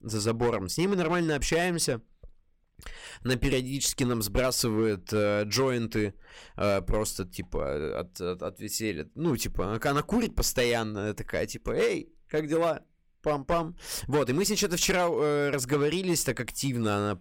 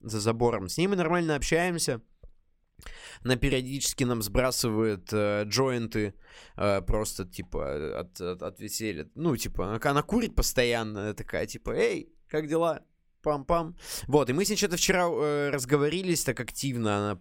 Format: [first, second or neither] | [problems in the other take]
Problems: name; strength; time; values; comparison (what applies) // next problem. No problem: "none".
second | distortion; slight; 5% of the sound clipped